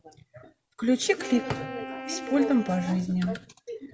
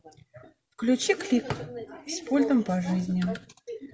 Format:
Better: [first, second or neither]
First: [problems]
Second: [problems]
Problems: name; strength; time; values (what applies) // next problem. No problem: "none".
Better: second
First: background sound (Wind instrument, woodwind instrument); 13 dB below the speech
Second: none